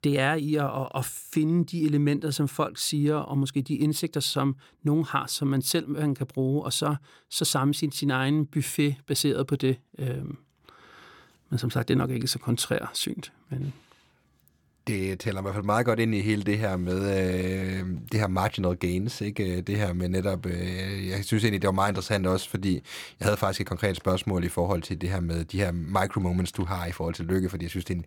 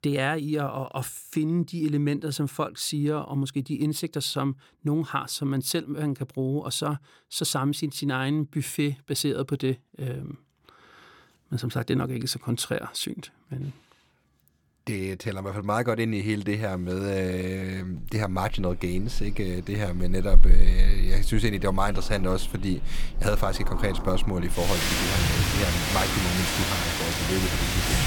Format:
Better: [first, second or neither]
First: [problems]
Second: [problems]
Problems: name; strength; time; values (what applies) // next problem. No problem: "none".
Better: first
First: none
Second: animal sounds; very loud; from 18 s on; 1 dB above the speech